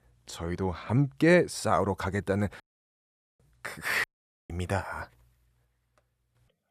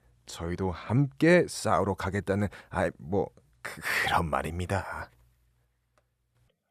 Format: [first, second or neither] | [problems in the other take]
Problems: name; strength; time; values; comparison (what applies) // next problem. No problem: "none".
second | audio cutting out; at 2.5 s for 1 s and at 4 s